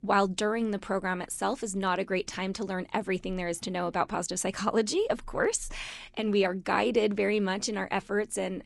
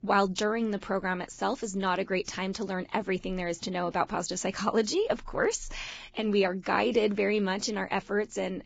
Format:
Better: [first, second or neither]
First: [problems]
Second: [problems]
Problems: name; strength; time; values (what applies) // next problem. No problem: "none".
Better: first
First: garbled, watery; slightly; nothing above 11 kHz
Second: garbled, watery; badly; nothing above 7.5 kHz